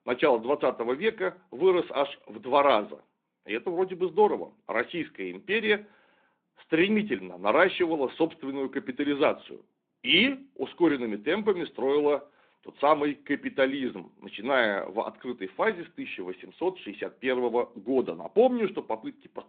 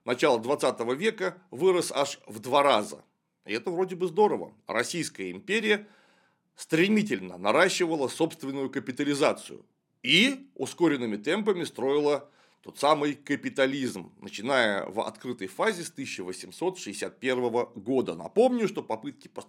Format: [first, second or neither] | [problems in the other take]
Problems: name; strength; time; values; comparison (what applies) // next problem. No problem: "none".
second | phone-call audio